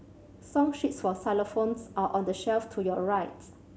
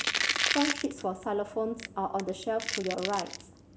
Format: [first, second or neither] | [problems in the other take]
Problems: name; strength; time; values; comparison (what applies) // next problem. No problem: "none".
first | background sound (Crushing); 2 dB below the speech